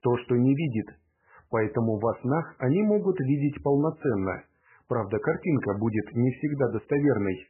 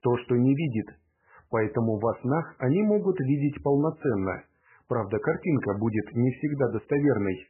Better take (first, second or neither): neither